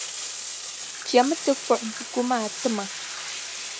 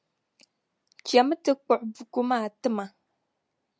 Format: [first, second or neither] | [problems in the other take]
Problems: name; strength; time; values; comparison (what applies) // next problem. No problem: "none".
second | background sound (Bathtub (filling or washing)); 7 dB below the speech